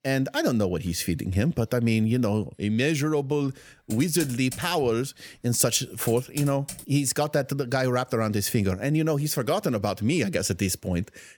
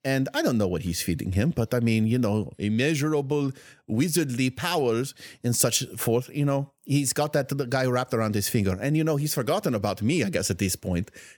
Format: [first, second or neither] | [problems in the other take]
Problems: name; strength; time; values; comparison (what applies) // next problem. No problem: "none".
second | keyboard typing; faint; from 4 to 7 s; peak 10 dB below the speech